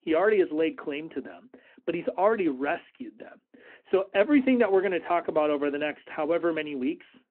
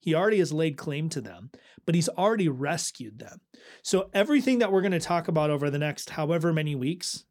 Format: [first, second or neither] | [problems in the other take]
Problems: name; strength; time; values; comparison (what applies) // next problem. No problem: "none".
second | phone-call audio